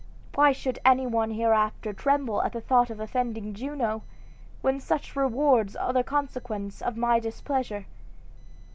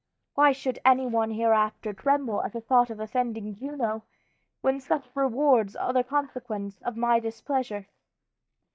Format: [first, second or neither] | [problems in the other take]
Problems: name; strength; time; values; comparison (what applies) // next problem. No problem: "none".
first | noise reduction (neural mask model DeepFilterNet 3)